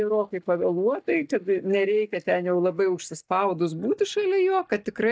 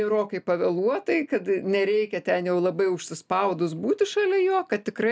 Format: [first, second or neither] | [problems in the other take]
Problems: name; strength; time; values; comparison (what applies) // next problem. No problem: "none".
second | noise reduction (neural mask model DeepFilterNet 3)